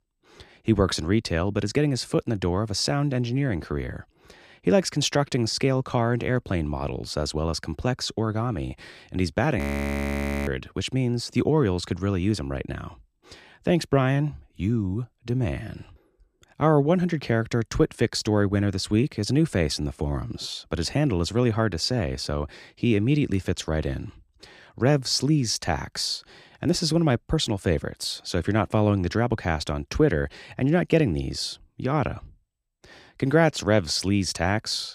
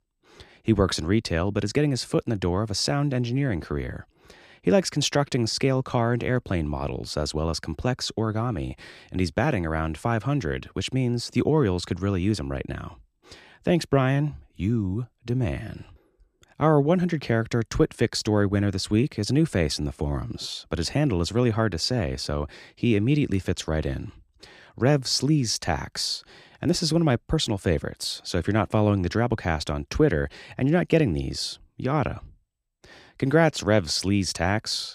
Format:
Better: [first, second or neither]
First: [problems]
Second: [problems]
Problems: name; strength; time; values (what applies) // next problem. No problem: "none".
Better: second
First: audio freezing; at 9.5 s for 1 s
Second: none